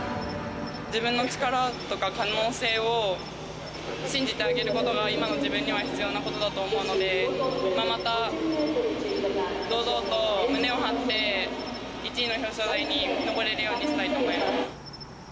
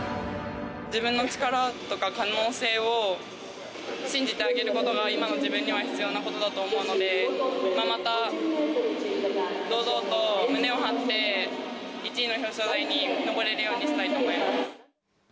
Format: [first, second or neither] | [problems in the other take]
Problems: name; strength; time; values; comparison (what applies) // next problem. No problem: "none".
second | background sound (Cricket); 13 dB below the speech